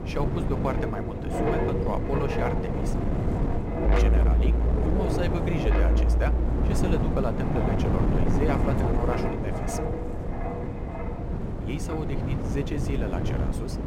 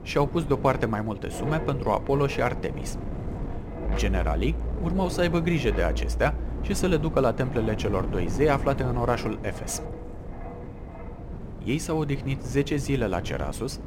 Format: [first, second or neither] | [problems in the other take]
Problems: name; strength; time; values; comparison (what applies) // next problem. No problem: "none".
second | wind noise on the microphone; heavy; 2 dB above the speech; occasional gusts in the second